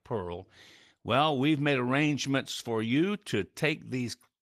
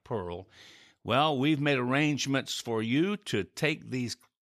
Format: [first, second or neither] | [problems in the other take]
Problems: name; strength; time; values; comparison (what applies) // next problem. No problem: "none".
second | garbled, watery; slightly; nothing above 14.5 kHz